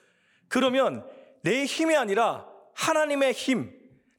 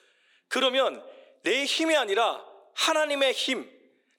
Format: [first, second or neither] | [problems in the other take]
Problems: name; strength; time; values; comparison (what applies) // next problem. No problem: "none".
first | thin; very slightly; fading below 350 Hz